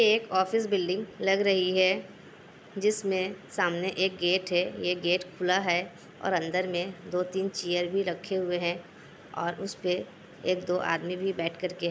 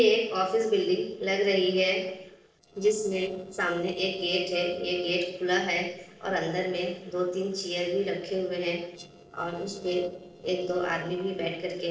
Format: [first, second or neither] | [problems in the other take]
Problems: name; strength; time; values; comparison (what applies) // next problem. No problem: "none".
first | noise reduction (neural separator model SepFormer DNS4)